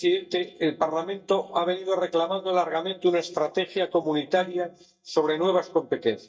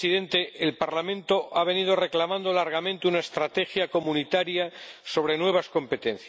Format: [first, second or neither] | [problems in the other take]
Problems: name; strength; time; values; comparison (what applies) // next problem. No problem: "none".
second | noise reduction (neural mask model DeepFilterNet 3)